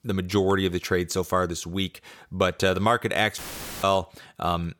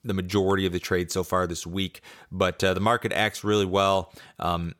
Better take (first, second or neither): second